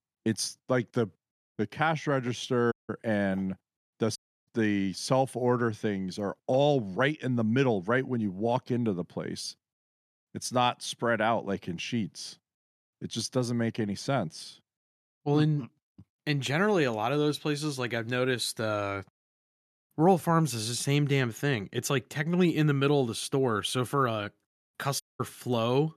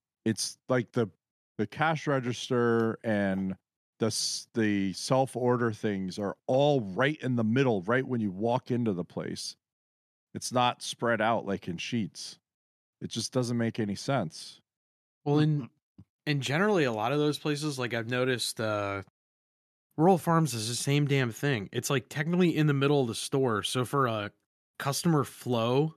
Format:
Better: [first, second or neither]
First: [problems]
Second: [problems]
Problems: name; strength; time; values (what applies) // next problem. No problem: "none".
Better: second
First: audio cutting out; at 2.5 s, at 4 s and at 25 s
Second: none